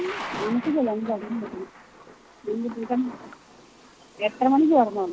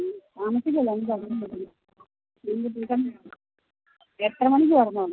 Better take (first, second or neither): second